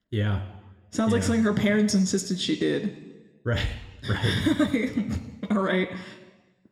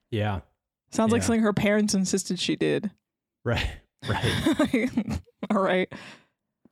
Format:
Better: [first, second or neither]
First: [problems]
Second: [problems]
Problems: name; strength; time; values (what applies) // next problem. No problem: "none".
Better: second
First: room echo; very slight; dies away in 1 s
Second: none